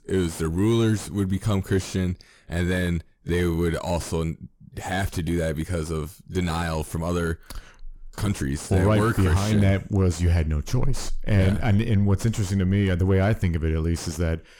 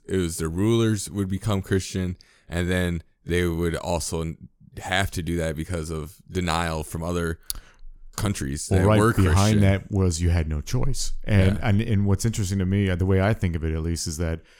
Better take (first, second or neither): second